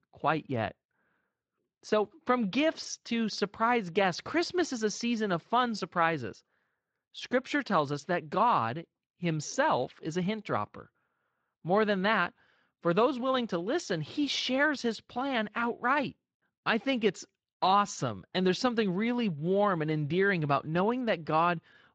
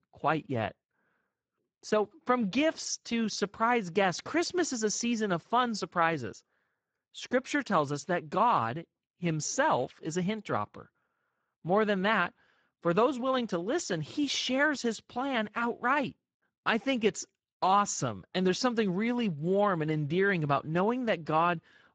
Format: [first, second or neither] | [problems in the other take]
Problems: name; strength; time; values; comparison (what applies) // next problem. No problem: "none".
first | garbled, watery; badly; nothing above 7.5 kHz; slightly in the first